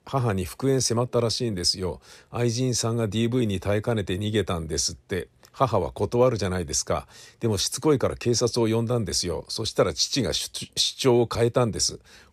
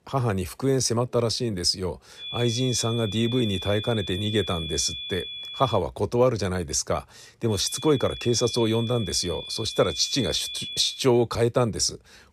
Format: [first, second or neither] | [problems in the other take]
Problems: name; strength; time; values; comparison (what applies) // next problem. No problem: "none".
first | high-pitched whine; loud; from 2 to 6 s and from 7.5 to 11 s; 3.5 kHz, 8 dB below the speech